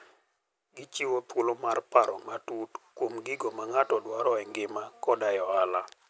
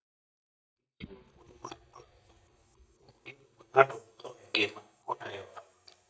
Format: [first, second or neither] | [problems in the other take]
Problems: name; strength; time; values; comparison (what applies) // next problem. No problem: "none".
first | noise reduction (neural mask model DeepFilterNet 3)